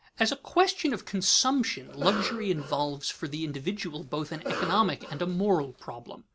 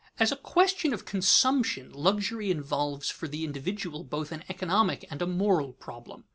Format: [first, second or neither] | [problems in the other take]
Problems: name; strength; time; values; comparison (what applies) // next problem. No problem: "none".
second | background sound (Cough); 11 dB below the speech